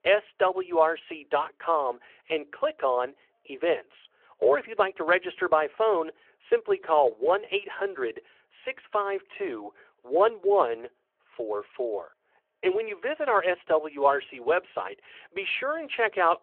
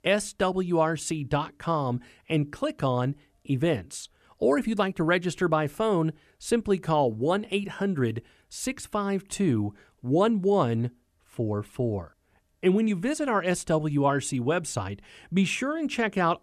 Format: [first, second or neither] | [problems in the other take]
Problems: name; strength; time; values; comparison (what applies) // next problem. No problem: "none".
second | phone-call audio